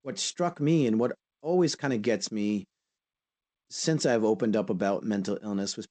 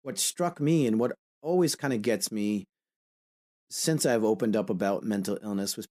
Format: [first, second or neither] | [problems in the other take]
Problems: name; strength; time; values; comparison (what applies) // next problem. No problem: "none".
second | garbled, watery; slightly; nothing above 8 kHz